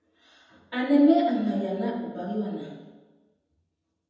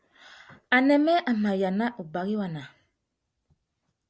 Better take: second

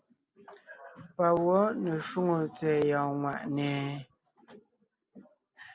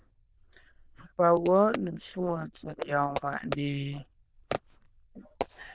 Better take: first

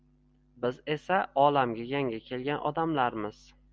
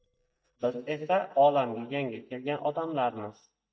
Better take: first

